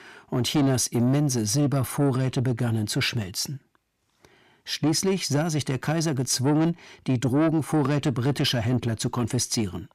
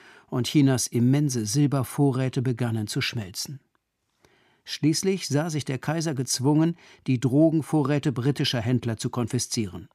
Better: second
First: distortion; slight; 10 dB below the speech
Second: none

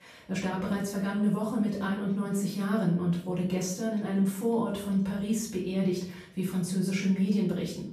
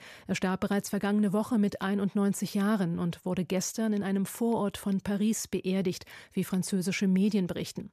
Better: second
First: off-mic speech; far // room echo; noticeable; dies away in 0.6 s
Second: none

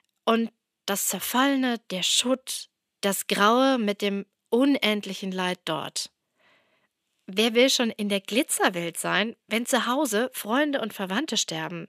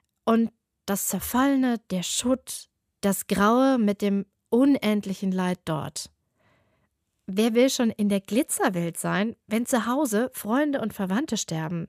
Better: second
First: thin; very slightly; fading below 250 Hz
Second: none

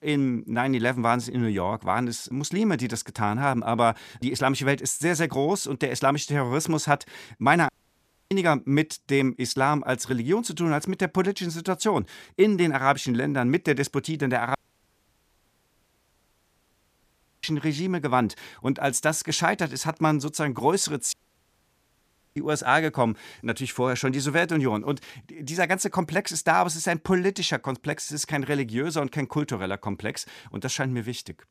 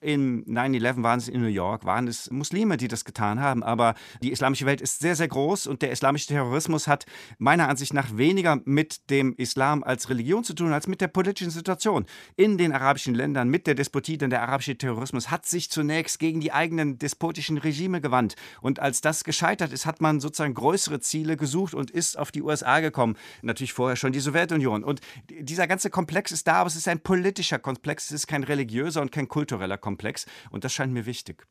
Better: second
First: audio cutting out; at 7.5 s for 0.5 s, at 15 s for 3 s and at 21 s for 1 s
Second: none

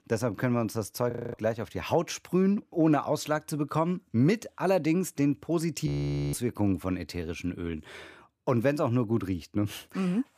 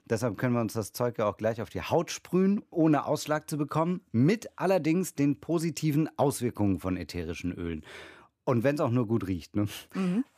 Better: second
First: audio freezing; at 1 s and at 6 s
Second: none

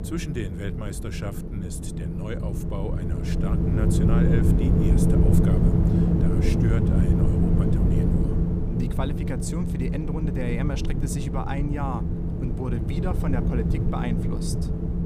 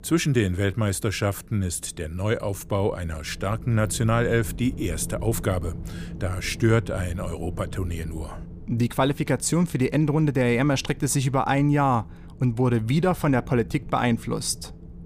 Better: second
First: wind noise on the microphone; heavy; 3 dB above the speech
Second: wind noise on the microphone; occasional gusts; 20 dB below the speech

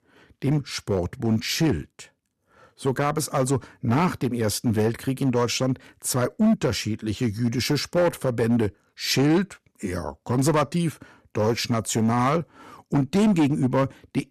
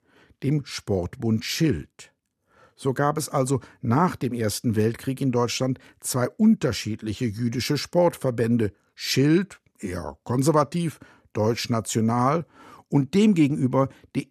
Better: second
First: distortion; slight; 6% of the sound clipped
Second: none

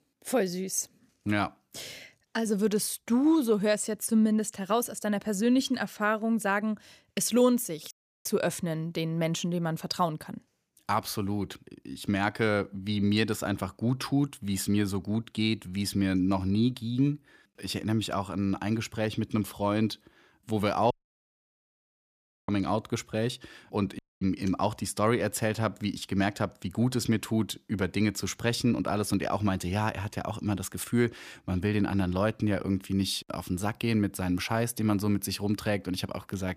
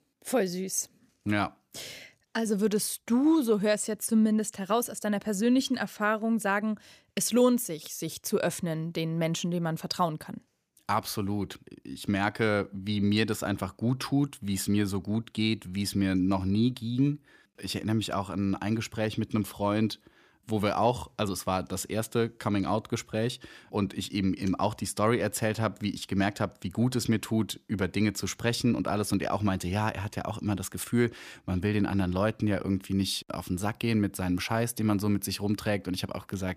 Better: second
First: audio cutting out; at 8 s, at 21 s for 1.5 s and at 24 s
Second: none

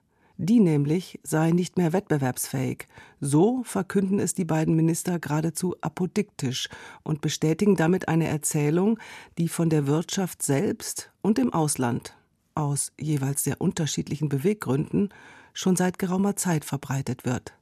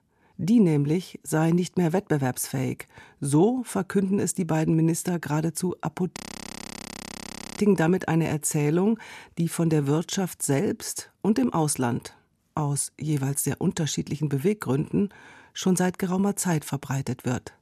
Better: first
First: none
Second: audio freezing; at 6 s for 1.5 s

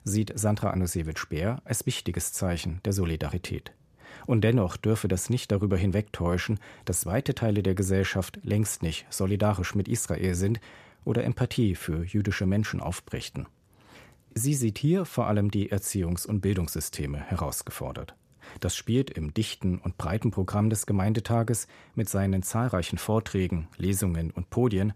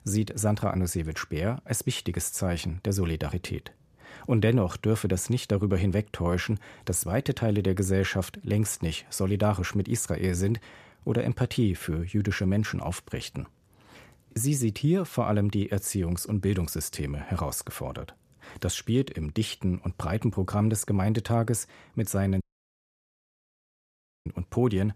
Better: first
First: none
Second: audio cutting out; at 22 s for 2 s

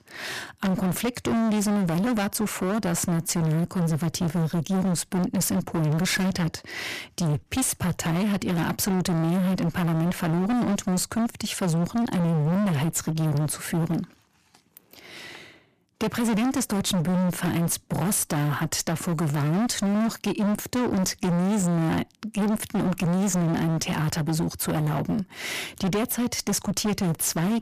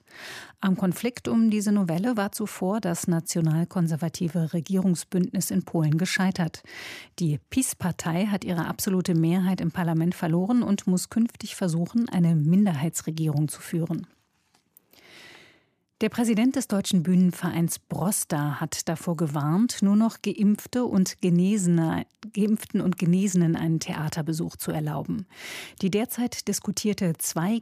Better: second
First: distortion; heavy; 34% of the sound clipped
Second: none

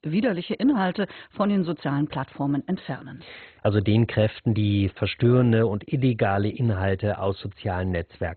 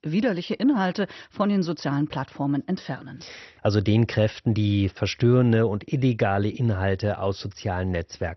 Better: second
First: garbled, watery; badly; nothing above 4 kHz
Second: garbled, watery; slightly; nothing above 6 kHz

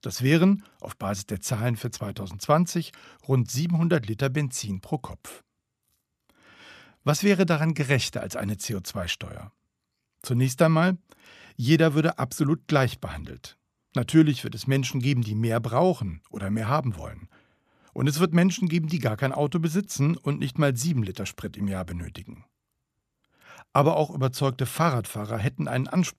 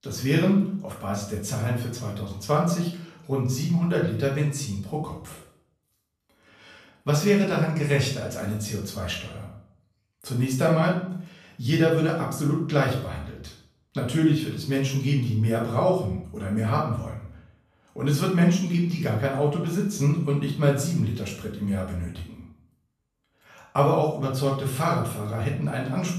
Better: first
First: none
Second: room echo; noticeable; dies away in 0.5 s // off-mic speech; far

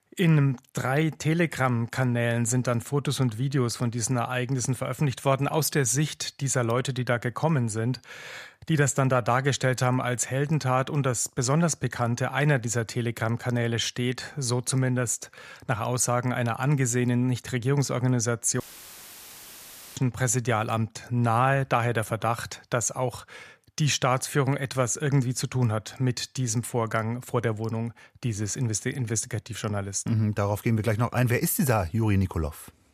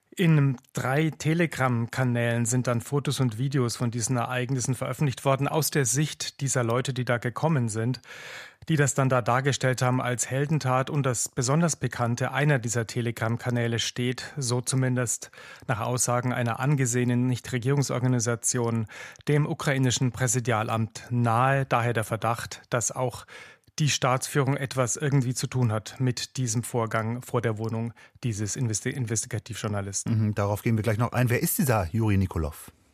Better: second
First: audio cutting out; filled with static; at 19 s for 1.5 s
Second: none

